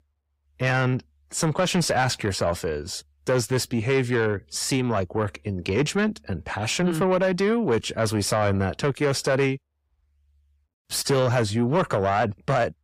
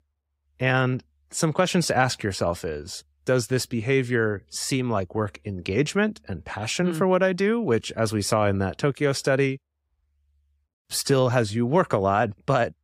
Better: second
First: distortion; slight; 10 dB below the speech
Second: none

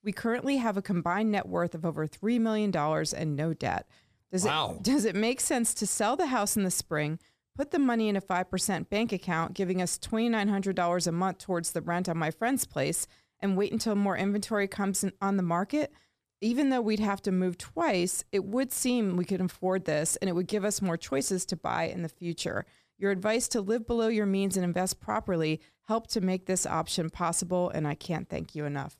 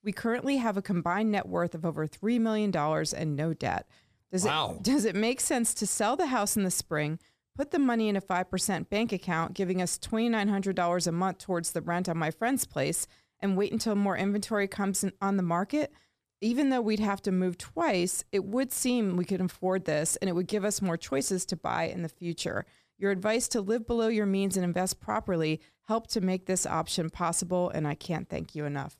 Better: neither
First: none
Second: none

